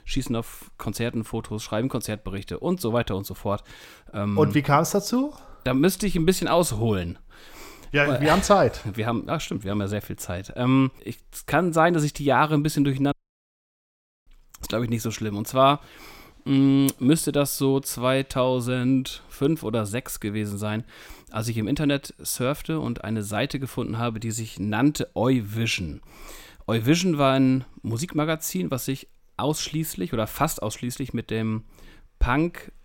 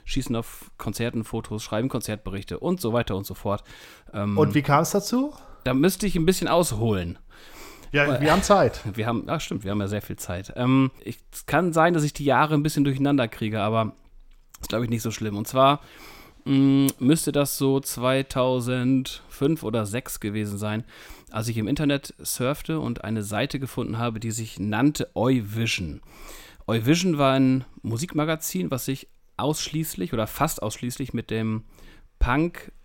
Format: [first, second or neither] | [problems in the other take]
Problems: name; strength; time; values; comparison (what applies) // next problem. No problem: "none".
second | audio cutting out; at 13 s for 1 s